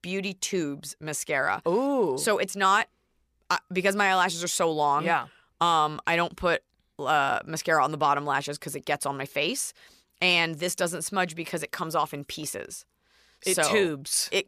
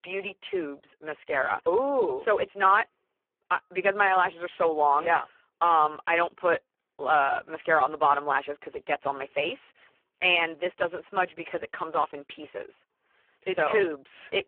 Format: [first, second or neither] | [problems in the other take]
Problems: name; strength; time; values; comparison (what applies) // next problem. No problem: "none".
first | phone-call audio; poor line